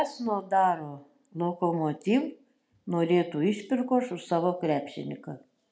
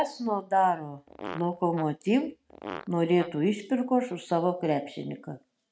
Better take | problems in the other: first | noise reduction (neural mask model RNNoise)

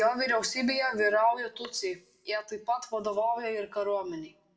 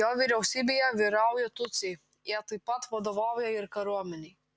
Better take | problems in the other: second | room echo; dies away in 0.3 s

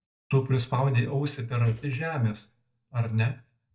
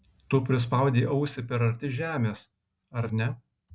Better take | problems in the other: second | noise reduction (neural mask model DeepFilterNet 3)

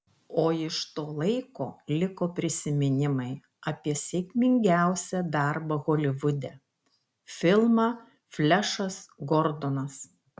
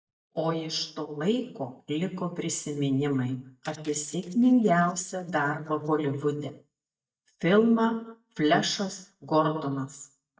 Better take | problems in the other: first | noise reduction (neural mask model DeepFilterNet 3)

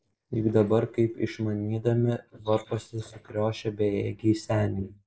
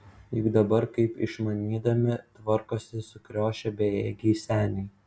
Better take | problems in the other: second | noise reduction (neural mask model Resemble Enhance denoiser)

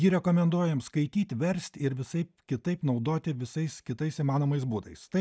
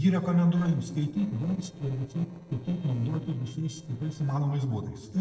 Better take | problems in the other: first | noise reduction (neural separator model SepFormer DNS4)

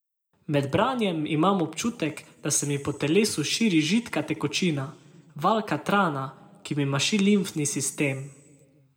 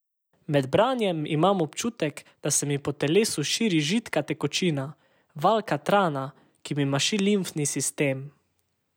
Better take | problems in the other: second | room echo; dies away in 1 s

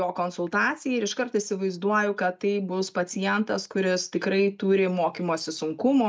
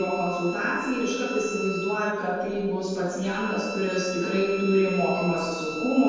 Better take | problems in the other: first | background sound (Bowed string instrument); 11 dB below the speech // room echo; dies away in 1.2 s

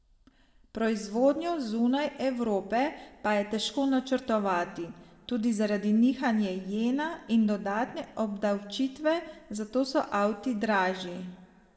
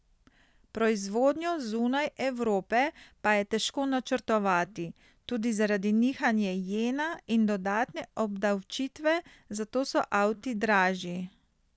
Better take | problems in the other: second | room echo; dies away in 1.2 s

